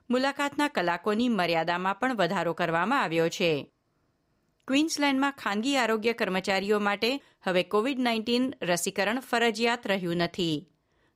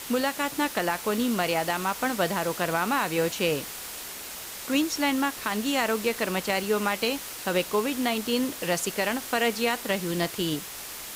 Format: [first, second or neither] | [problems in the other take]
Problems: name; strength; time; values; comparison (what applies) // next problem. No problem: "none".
first | hiss; loud; throughout; 8 dB below the speech